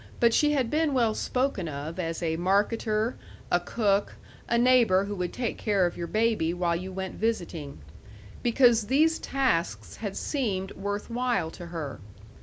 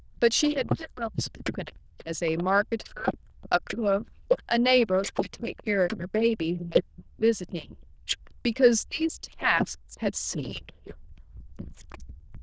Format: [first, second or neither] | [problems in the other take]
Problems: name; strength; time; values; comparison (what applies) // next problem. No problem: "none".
first | noise reduction (neural diffusion model UNIVERSE++)